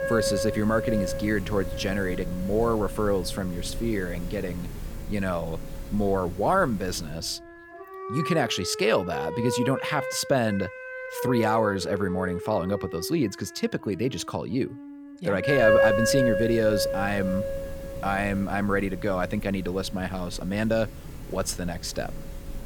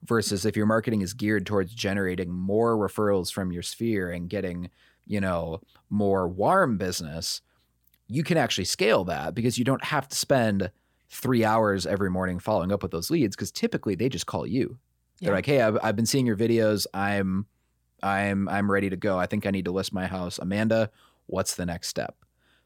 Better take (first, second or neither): second